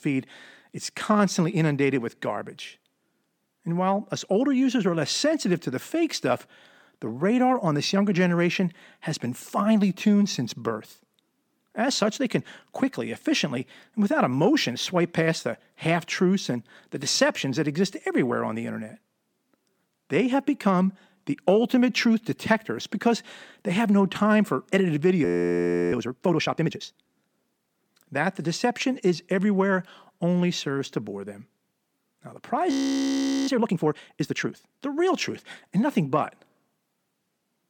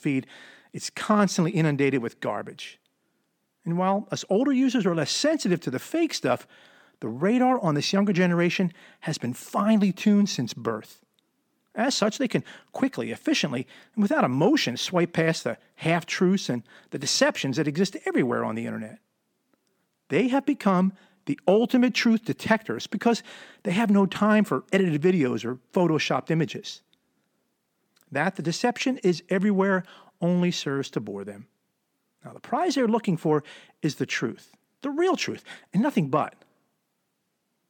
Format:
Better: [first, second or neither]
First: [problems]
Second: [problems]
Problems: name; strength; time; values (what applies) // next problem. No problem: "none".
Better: second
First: audio freezing; at 25 s for 0.5 s and at 33 s for 1 s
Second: none